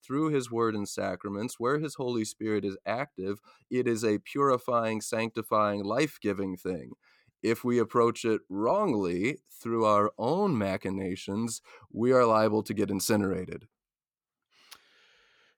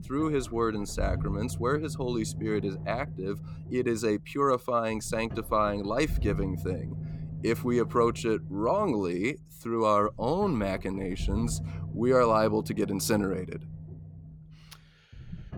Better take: first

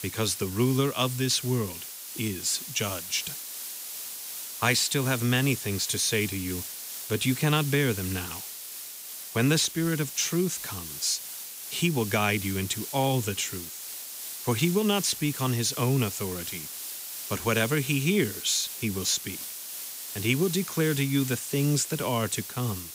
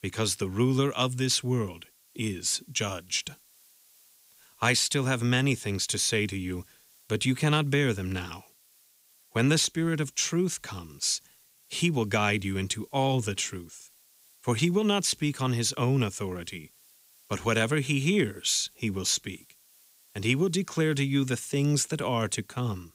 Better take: second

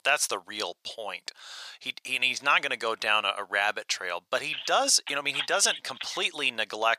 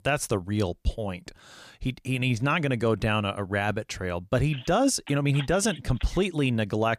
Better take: second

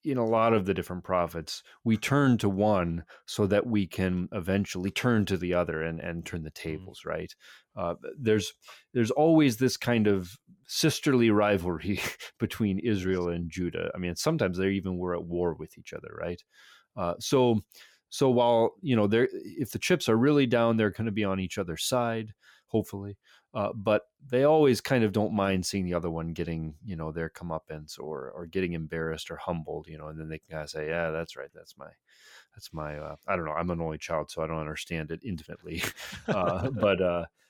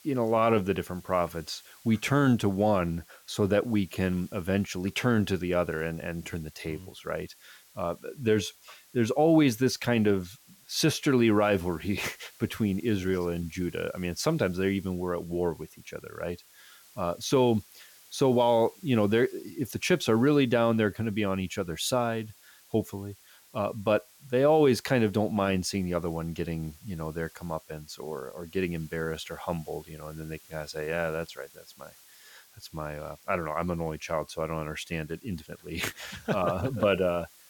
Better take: first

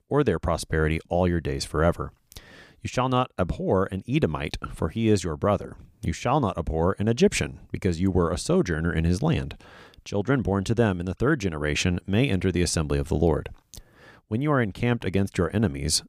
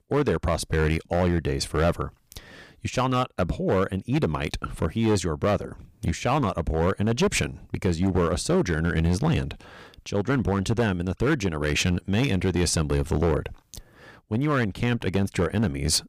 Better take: first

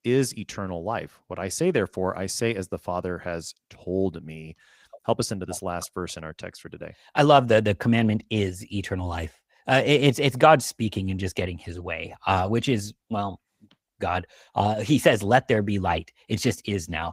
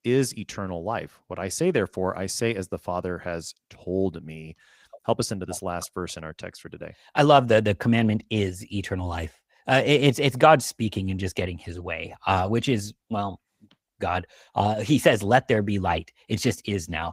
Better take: neither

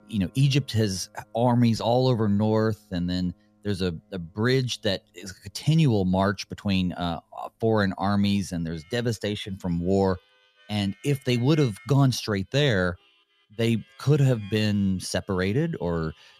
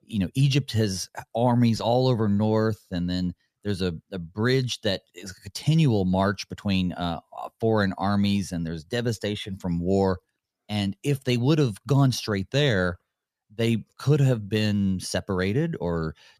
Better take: second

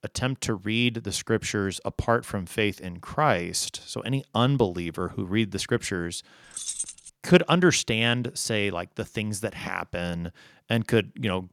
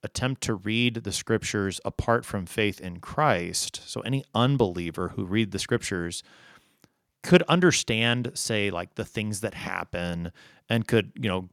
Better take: second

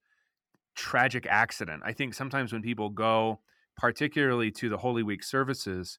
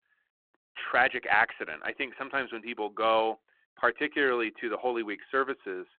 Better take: first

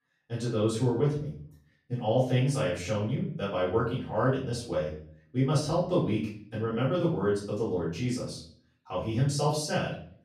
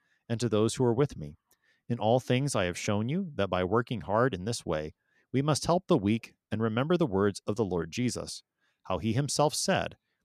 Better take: second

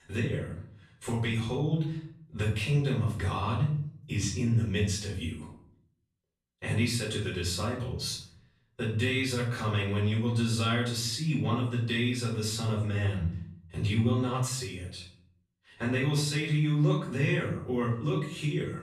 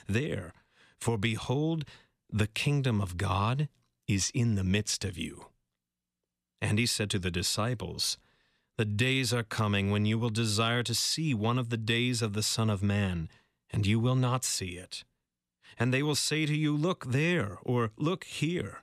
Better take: second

